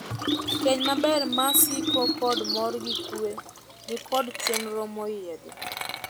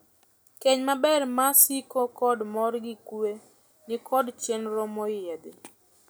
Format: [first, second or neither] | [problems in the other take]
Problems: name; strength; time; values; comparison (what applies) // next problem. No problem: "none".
second | background sound (Bird vocalization, bird call, bird song + Liquid); 2 dB below the speech